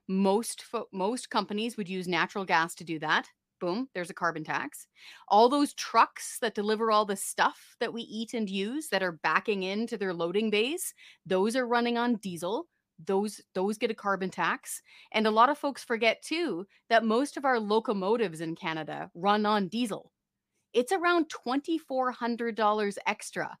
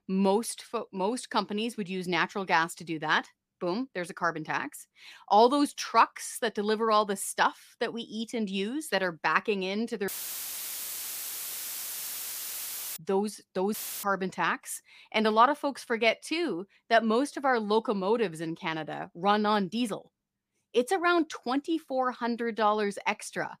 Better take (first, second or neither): first